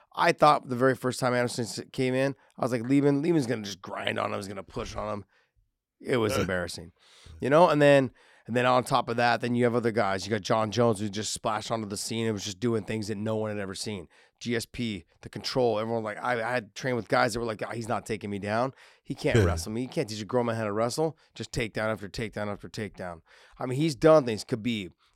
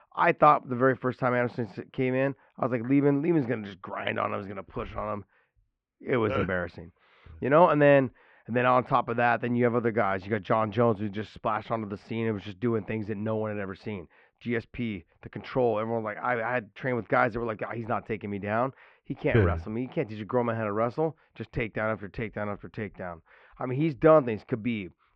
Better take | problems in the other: first | muffled; very; fading above 2.5 kHz

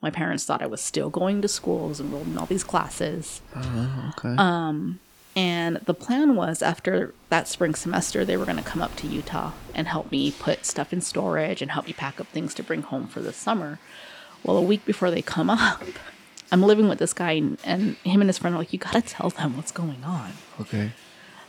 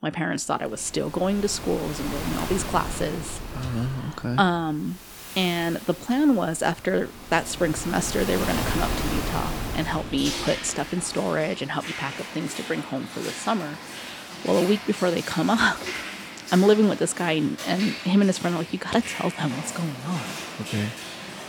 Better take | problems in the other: first | rain or running water; loud; throughout; 8 dB below the speech; faint in the first

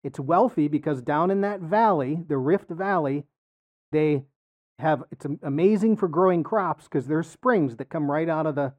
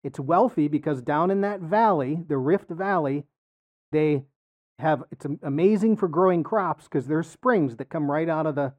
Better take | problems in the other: neither | muffled; very; fading above 2 kHz; the same in both

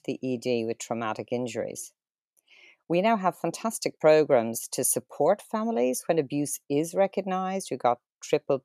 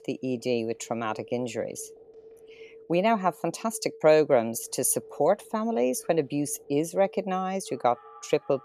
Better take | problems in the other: first | alarms or sirens; faint; throughout; 20 dB below the speech

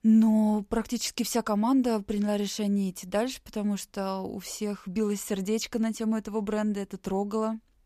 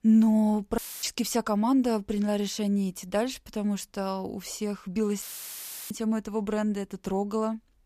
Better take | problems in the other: first | audio cutting out; filled with static; at 1 s and at 5 s for 0.5 s

